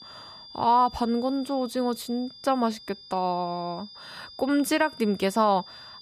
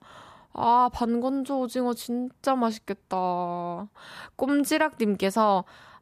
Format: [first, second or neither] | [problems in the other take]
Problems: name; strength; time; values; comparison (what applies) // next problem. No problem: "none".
second | high-pitched whine; noticeable; throughout; 5 kHz, 20 dB below the speech